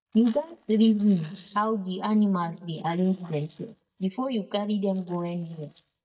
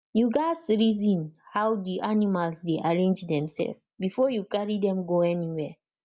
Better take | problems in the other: second | noise reduction (neural mask model DeepFilterNet 3)

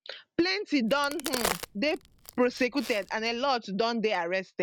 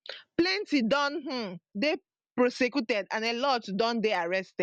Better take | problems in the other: second | background sound (Crack); 9 dB below the speech

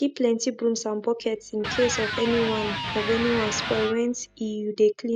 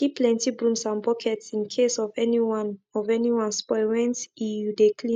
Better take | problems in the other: second | background sound (Electric guitar); 6 dB below the speech

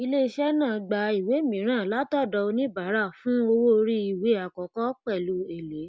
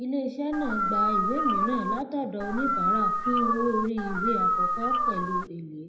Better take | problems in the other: first | background sound (Dog); 4 dB above the speech // room echo; dies away in 0.7 s

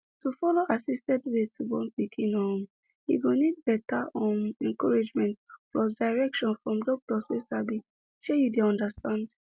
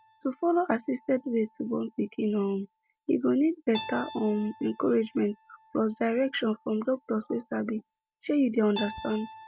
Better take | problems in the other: first | background sound (Keyboard (musical)); 19 dB below the speech

